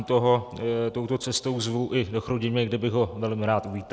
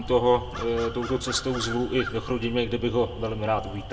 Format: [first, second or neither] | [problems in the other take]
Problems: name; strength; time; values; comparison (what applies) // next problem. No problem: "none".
first | background sound (Crow); 10 dB below the speech // room echo; dies away in 0.7 s